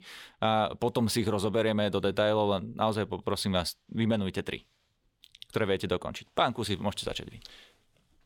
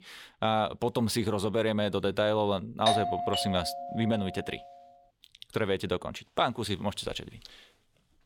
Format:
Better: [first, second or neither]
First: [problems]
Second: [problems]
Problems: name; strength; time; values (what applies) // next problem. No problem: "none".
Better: first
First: none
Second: doorbell; loud; from 3 to 4 s; peak 3 dB above the speech